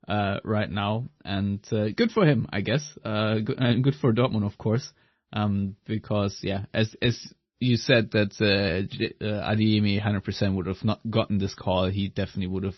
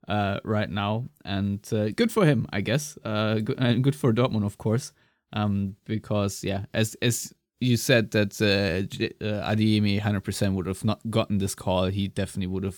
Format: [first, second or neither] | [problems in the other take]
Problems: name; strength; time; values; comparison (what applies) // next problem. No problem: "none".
second | garbled, watery; slightly; nothing above 6 kHz